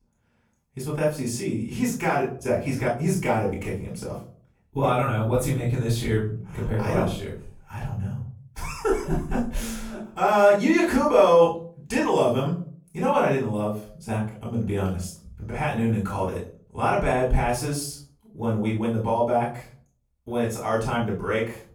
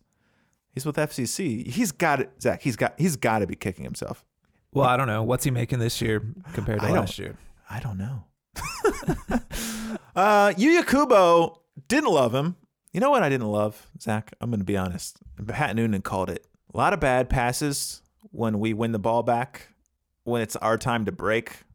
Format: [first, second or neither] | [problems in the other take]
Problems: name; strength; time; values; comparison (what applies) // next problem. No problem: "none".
second | off-mic speech; far // room echo; slight; dies away in 0.4 s